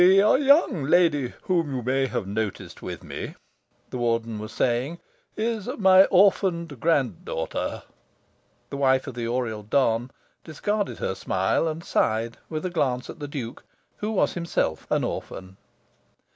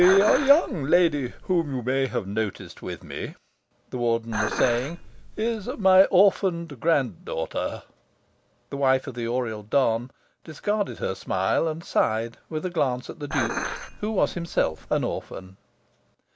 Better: first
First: none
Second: background sound (Dishes, pots, and pans); 8 dB below the speech

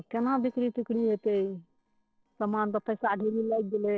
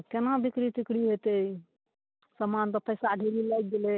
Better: second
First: noise reduction (neural separator model SepFormer DNS4)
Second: none

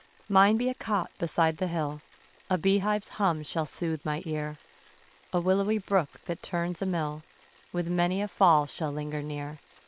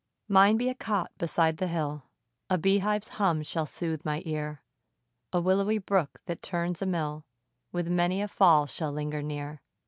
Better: second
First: noise reduction (neural separator model SepFormer WHAM!)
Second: none

